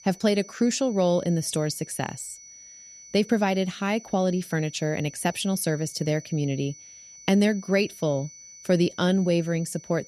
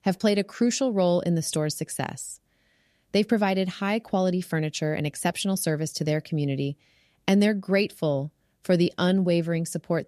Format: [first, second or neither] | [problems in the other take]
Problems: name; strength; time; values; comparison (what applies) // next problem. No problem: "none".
second | high-pitched whine; noticeable; throughout; 6 kHz, 20 dB below the speech